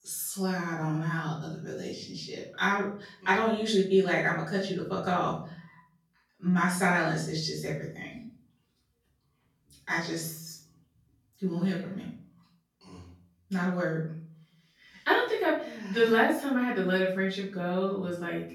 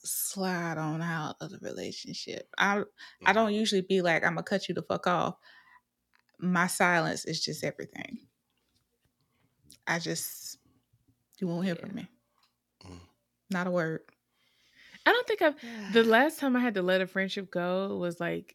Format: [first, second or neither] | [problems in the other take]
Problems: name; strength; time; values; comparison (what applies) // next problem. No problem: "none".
second | room echo; noticeable; dies away in 0.5 s // off-mic speech; far